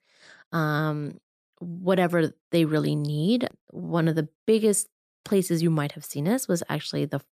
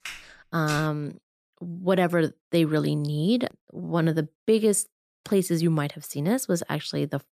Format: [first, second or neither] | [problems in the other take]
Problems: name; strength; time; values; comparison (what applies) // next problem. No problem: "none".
first | footsteps; faint; at the start; peak 10 dB below the speech